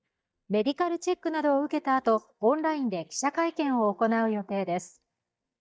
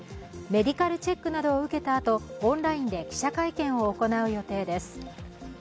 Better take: second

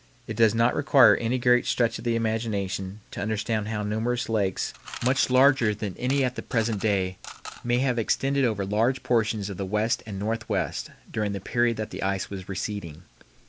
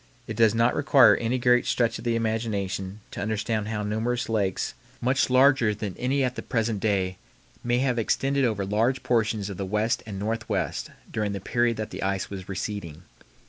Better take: second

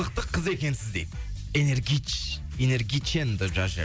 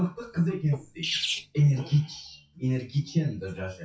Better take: first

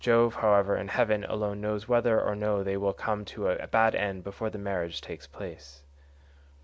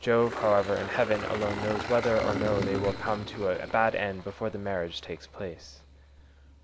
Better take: first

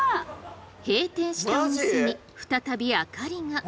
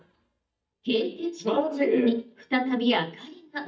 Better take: first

